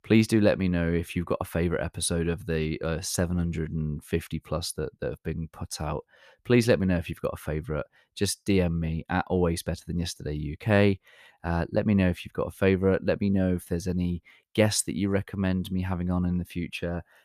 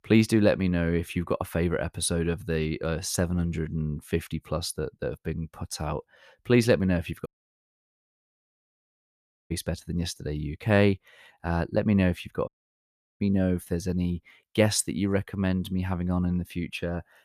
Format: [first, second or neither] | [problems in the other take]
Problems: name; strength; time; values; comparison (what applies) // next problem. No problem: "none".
first | audio cutting out; at 7.5 s for 2 s and at 12 s for 0.5 s